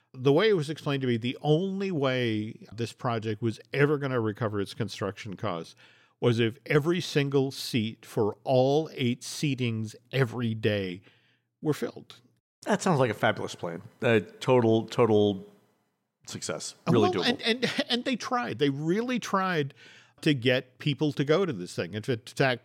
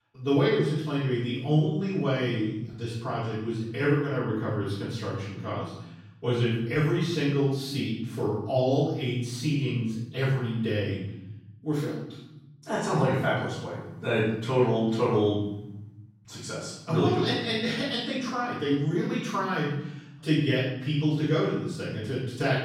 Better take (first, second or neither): first